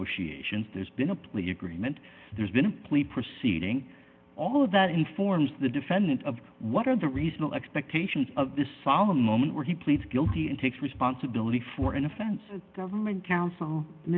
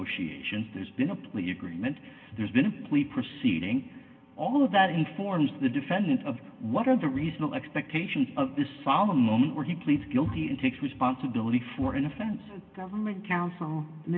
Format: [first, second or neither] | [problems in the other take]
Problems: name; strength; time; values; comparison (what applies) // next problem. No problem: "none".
first | room echo; dies away in 1.3 s